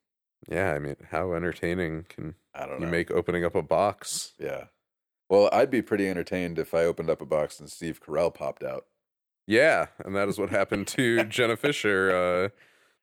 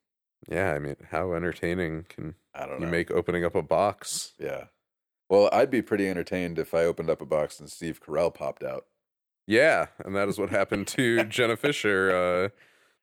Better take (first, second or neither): neither